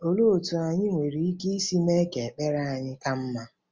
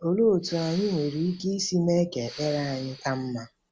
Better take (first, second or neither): first